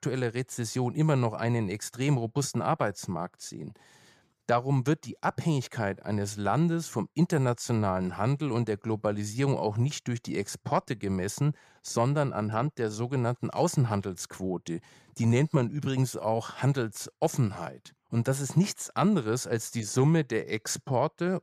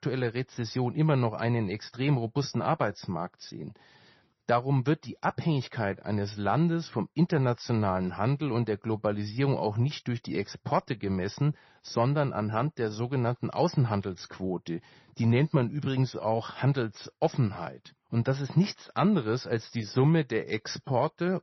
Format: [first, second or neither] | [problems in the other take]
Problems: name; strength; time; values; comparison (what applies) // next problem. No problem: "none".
first | garbled, watery; slightly; nothing above 6 kHz